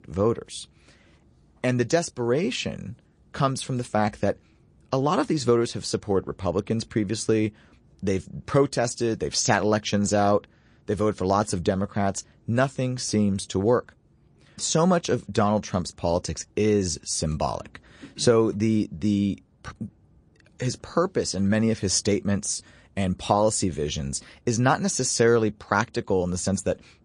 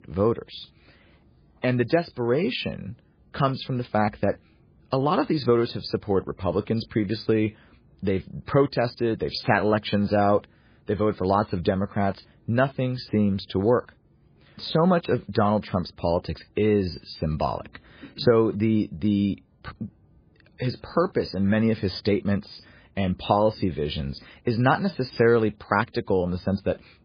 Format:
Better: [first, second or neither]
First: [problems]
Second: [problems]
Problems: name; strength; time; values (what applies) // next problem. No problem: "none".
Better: first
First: garbled, watery; slightly; nothing above 9 kHz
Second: garbled, watery; badly; nothing above 5 kHz